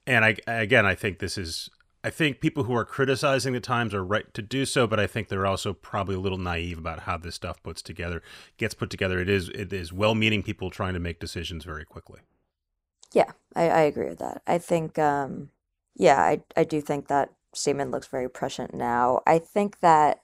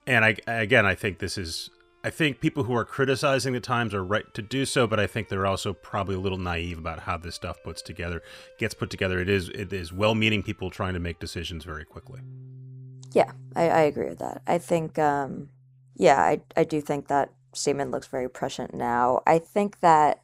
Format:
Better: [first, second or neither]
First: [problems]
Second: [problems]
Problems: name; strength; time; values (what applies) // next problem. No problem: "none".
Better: first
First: none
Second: background music; faint; throughout; 25 dB below the speech